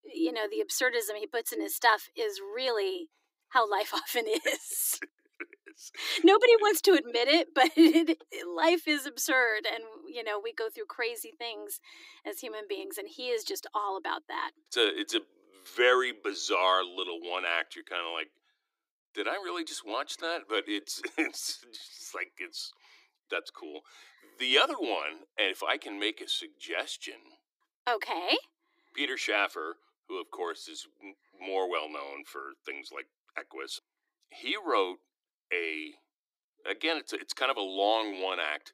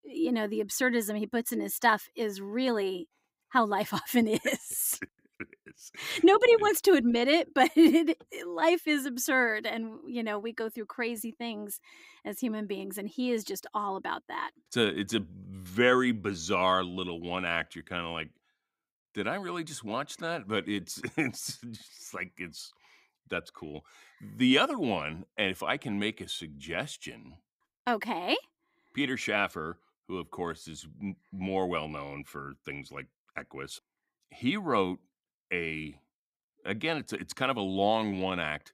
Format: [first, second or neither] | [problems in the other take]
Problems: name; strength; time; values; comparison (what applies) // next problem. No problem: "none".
second | thin; very; fading below 300 Hz